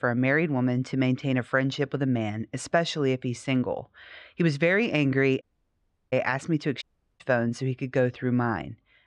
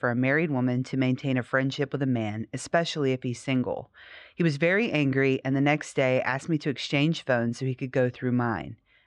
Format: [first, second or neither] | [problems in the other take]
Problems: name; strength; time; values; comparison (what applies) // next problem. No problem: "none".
second | audio cutting out; at 5.5 s for 0.5 s and at 7 s